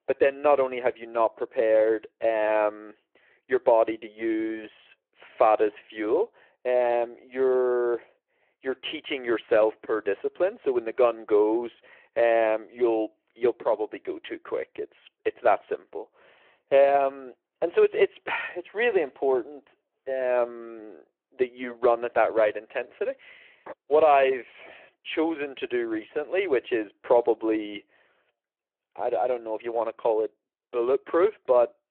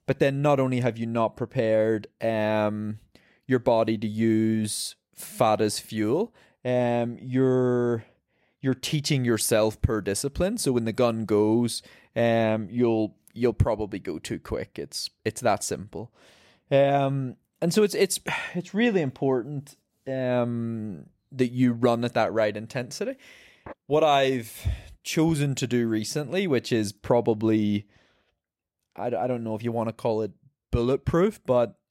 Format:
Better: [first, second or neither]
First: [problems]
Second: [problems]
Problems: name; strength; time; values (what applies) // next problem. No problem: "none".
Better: second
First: phone-call audio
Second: none